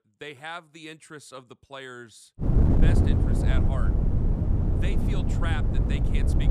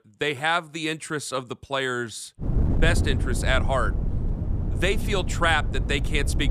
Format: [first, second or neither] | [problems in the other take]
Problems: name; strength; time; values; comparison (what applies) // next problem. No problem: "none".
second | wind noise on the microphone; heavy; from 2.5 s on; 3 dB above the speech; occasional gusts in the second